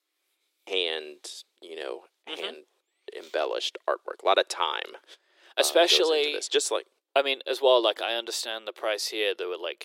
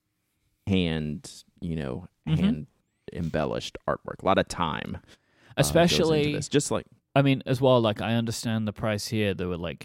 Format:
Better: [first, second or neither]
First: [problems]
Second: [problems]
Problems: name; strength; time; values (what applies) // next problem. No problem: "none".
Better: second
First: thin; very; fading below 350 Hz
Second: none